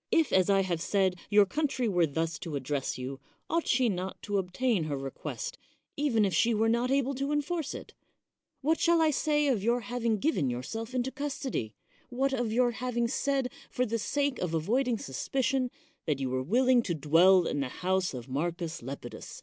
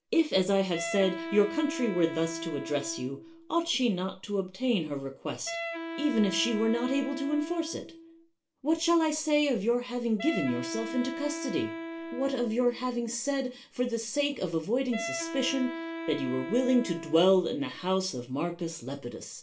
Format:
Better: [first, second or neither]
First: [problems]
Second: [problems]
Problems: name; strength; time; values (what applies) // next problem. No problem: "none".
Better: first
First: none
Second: background sound (Wind instrument, woodwind instrument); 10 dB below the speech // room echo; dies away in 0.3 s